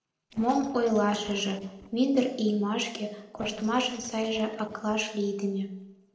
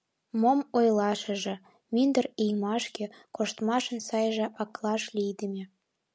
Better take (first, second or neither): second